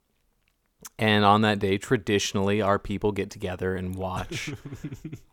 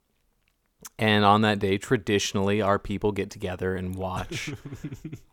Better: neither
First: none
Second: none

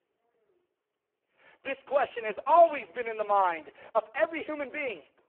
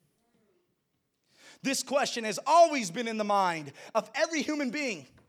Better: second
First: phone-call audio; poor line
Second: none

